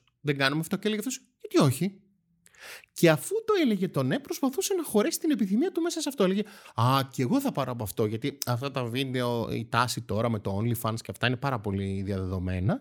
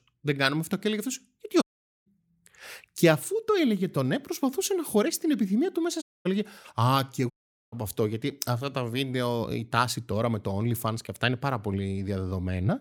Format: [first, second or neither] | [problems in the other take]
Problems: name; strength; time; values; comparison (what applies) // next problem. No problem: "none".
first | audio cutting out; at 1.5 s, at 6 s and at 7.5 s